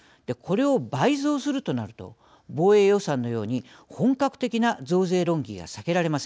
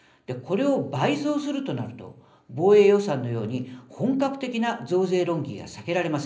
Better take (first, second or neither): first